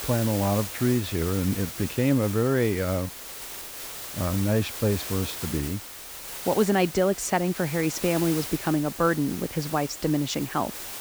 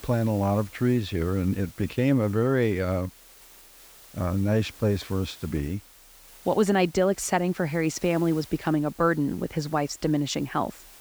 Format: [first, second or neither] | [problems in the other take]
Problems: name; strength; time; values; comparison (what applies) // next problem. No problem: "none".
second | hiss; loud; throughout; 9 dB below the speech; faint in the second